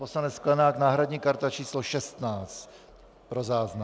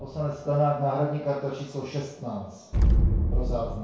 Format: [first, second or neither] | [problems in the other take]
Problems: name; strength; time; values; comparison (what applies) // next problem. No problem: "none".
first | background sound (Explosion); 2 dB above the speech // room echo; dies away in 0.6 s